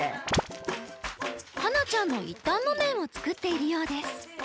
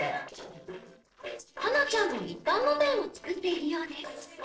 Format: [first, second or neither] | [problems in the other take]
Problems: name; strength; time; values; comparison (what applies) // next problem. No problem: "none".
first | noise reduction (neural separator model SepFormer DNS4)